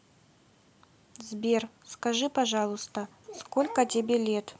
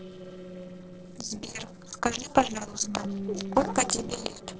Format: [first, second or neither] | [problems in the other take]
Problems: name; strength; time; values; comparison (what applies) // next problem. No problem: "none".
first | noise reduction (neural separator model SepFormer DNS4)